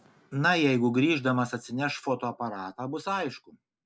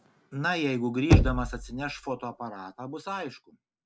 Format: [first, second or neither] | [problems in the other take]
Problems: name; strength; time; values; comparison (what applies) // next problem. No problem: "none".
first | background sound (Knock); 5 dB above the speech